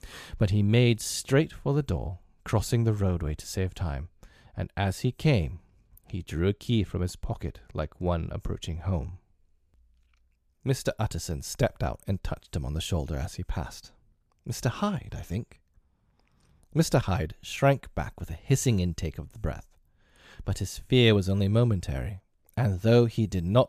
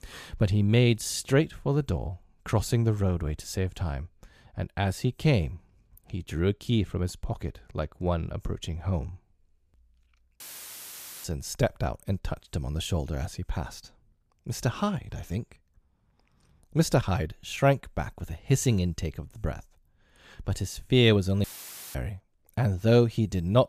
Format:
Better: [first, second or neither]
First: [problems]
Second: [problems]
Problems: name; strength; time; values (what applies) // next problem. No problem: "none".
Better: first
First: none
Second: audio cutting out; filled with static; at 10 s for 1 s and at 21 s for 0.5 s